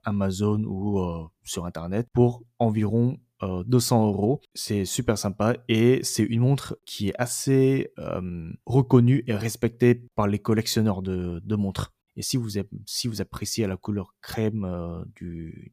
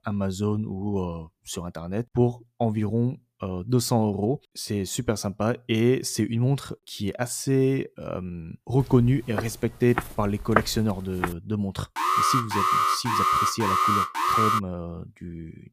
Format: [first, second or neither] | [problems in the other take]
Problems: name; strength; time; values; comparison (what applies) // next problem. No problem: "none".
first | footsteps; loud; from 9.5 to 11 s; peak 1 dB above the speech // alarm; loud; from 12 to 15 s; peak 5 dB above the speech